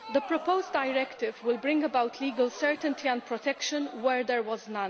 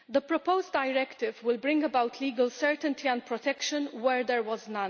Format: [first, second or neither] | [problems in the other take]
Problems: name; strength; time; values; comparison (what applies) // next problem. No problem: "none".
second | background sound (Crowd); 16 dB below the speech